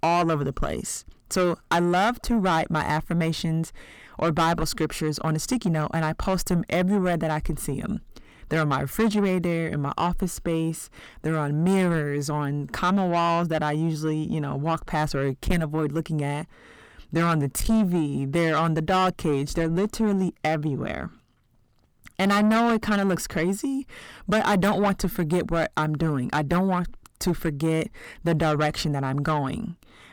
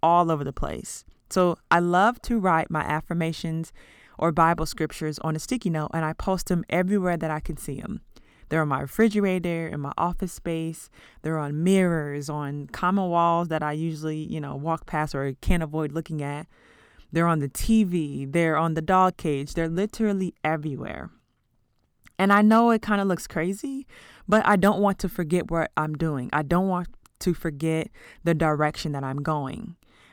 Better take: second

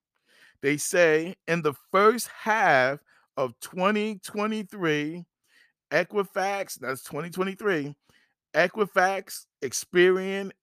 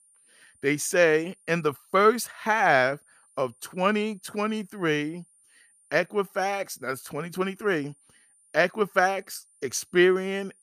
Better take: first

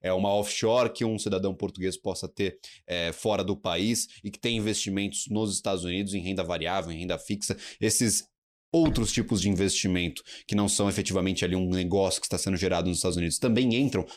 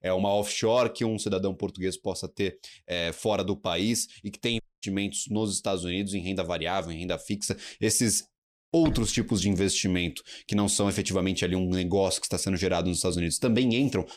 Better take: first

